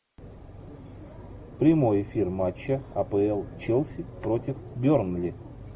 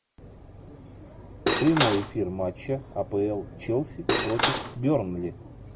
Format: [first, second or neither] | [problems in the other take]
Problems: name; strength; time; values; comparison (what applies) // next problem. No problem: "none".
first | background sound (Cutlery, silverware / Dishes, pots, and pans); 2 dB above the speech